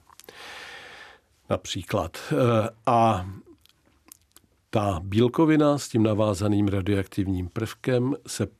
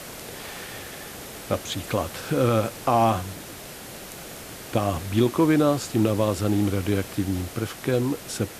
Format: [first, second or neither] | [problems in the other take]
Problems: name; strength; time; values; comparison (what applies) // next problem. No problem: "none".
first | hiss; noticeable; throughout; 15 dB below the speech